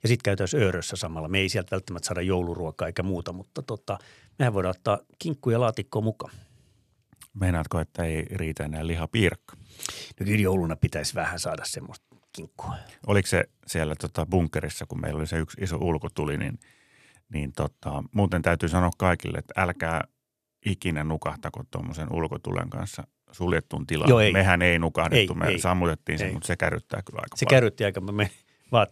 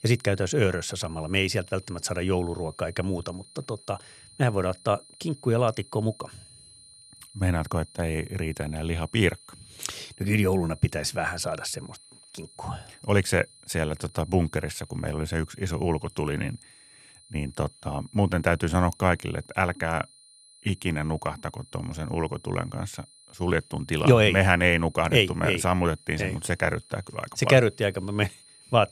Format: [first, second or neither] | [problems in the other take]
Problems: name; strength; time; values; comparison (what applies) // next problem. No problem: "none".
first | high-pitched whine; faint; throughout; 4 kHz, 25 dB below the speech